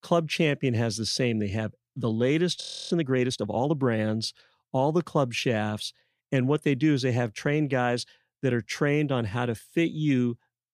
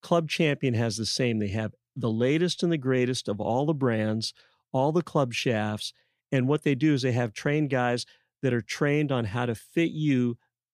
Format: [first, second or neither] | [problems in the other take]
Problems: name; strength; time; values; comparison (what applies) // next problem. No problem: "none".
second | audio freezing; at 2.5 s